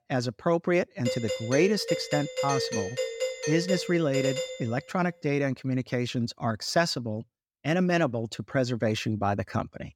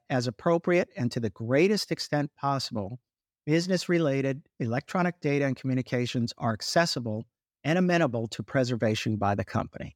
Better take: second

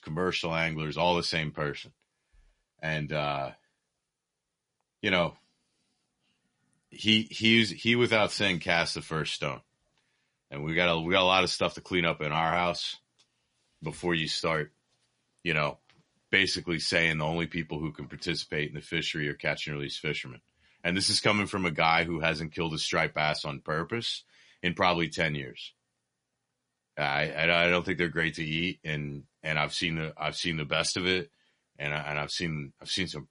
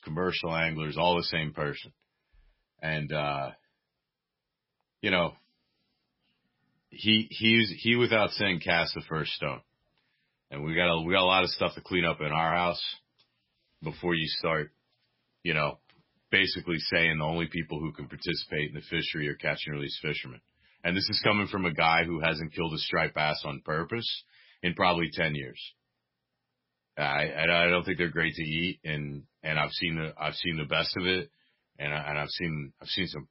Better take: first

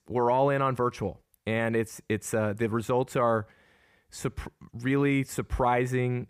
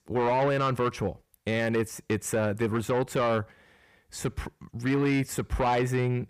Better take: first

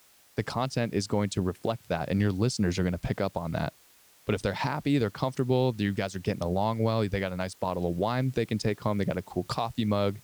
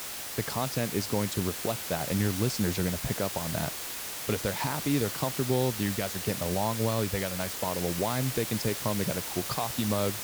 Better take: first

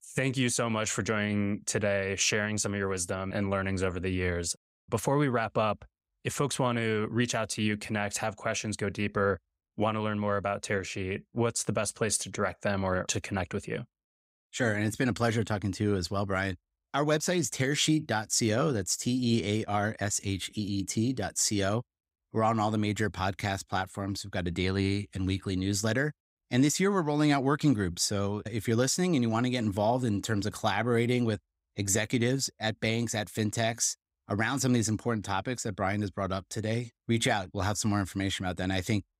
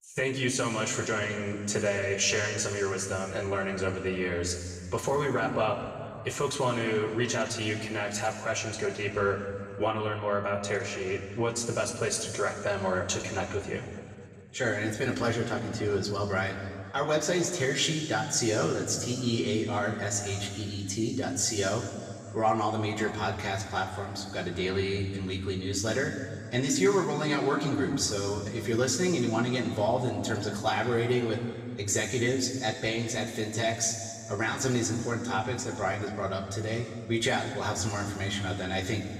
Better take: first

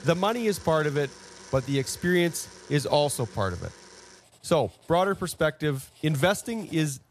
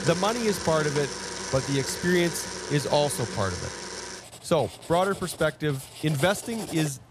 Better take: first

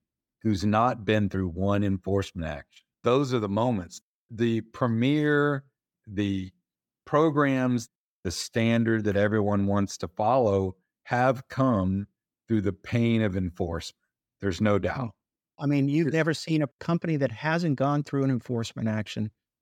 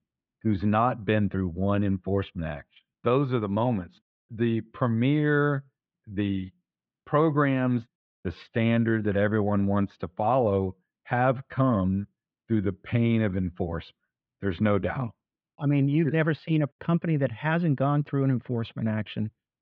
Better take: first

